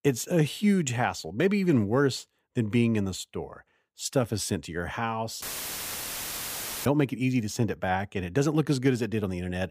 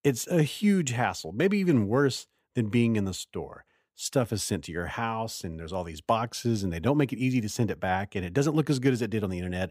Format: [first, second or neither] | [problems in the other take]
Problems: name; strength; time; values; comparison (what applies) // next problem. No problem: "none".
second | audio cutting out; filled with static; at 5.5 s for 1.5 s